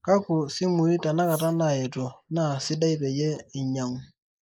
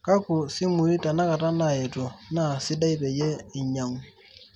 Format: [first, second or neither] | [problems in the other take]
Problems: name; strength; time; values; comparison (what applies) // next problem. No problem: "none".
second | noise reduction (neural mask model Resemble Enhance denoiser)